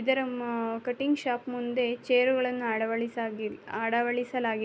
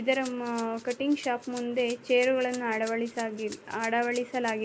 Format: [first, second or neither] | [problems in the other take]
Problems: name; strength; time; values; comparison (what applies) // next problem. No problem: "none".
first | background sound (Rattle (instrument)); 20 dB below the speech